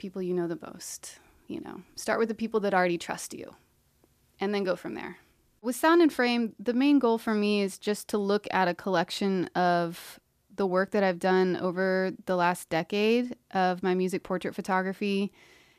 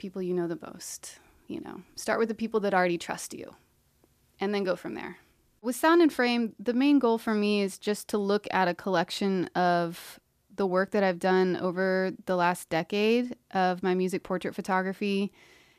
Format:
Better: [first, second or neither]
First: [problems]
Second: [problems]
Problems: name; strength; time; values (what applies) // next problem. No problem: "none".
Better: neither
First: none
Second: none